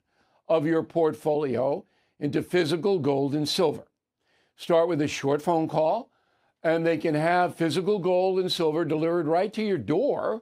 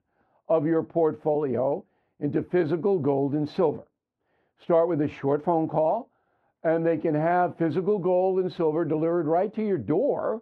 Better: first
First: none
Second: muffled; very; fading above 3.5 kHz

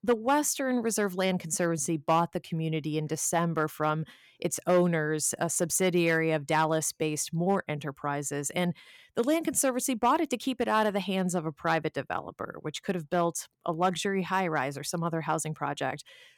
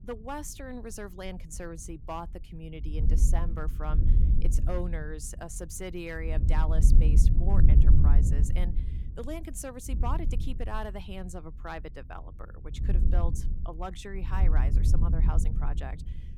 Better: first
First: none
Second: wind noise on the microphone; heavy; 4 dB below the speech

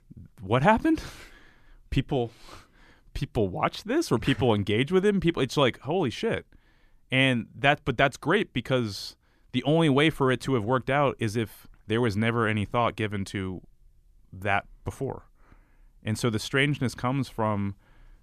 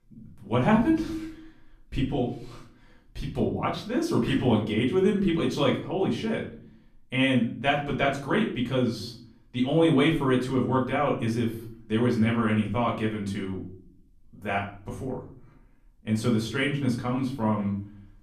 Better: first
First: none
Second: off-mic speech; far // room echo; slight; dies away in 0.4 s

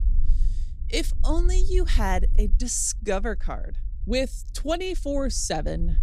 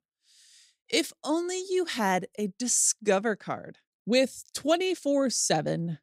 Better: second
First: low rumble; faint; throughout; 25 dB below the speech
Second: none

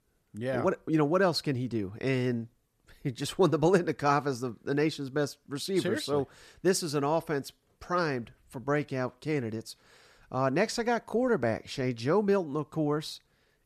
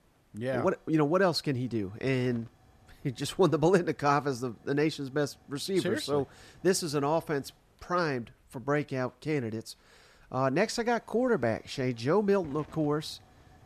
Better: first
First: none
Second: hiss; faint; throughout; 30 dB below the speech

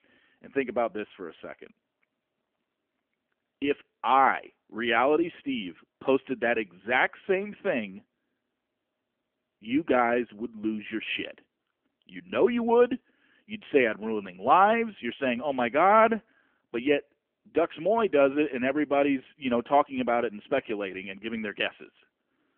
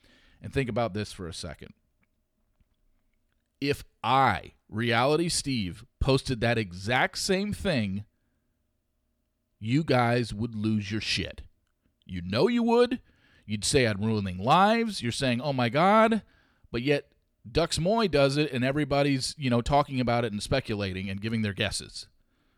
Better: second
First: phone-call audio; nothing above 3 kHz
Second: none

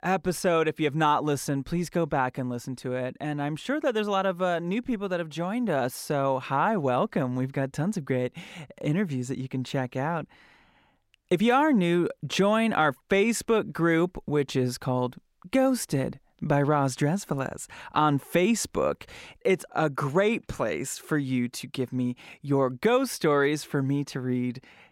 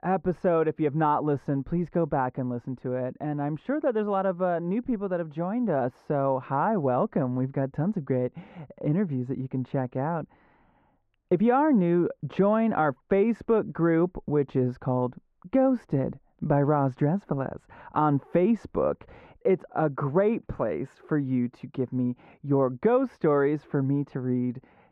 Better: first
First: none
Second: muffled; very; fading above 3.5 kHz

